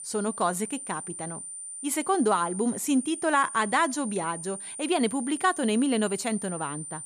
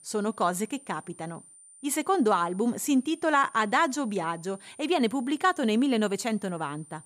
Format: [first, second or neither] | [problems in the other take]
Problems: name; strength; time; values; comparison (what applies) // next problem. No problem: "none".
second | high-pitched whine; loud; throughout; 9 kHz, 9 dB below the speech; faint in the second